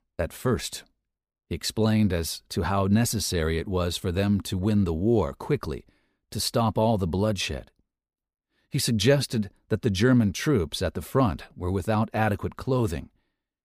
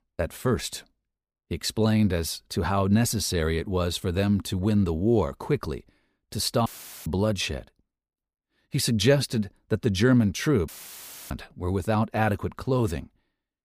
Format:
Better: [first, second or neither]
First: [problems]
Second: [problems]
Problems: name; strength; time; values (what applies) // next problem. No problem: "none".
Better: first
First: none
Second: audio cutting out; filled with static; at 6.5 s and at 11 s for 0.5 s